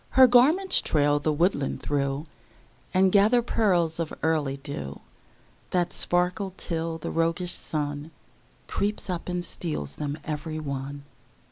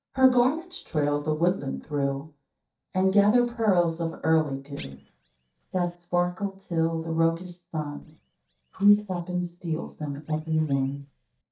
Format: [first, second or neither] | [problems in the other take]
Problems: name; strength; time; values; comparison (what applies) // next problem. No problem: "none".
first | noise reduction (neural mask model DeepFilterNet 3)